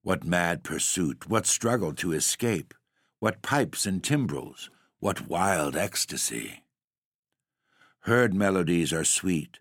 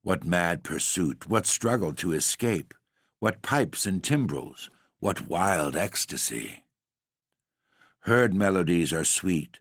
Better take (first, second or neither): first